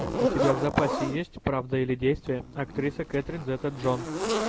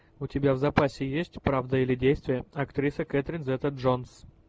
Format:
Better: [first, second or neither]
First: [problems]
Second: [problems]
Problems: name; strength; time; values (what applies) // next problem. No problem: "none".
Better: second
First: background sound (Zipper (clothing)); 3 dB below the speech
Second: none